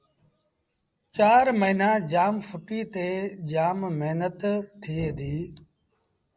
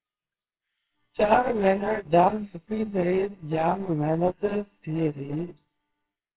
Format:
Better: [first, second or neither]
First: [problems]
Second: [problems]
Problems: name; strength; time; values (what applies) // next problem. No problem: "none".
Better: first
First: none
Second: noise reduction (neural separator model SepFormer WHAMR!)